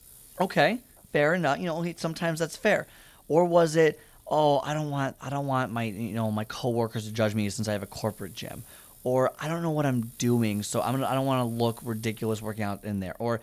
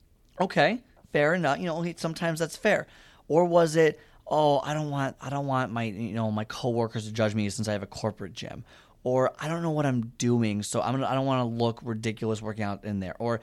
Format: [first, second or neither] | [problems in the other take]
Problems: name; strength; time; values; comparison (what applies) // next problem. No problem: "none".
second | traffic noise; faint; throughout; 25 dB below the speech